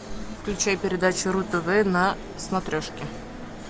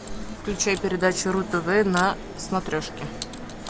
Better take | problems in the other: first | background sound (Mechanisms); 19 dB below the speech

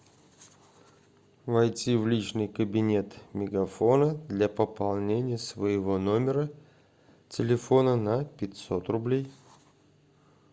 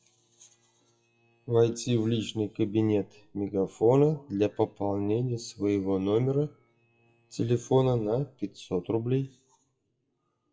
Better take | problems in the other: first | noise reduction (classical method WPE with log-MMSE)

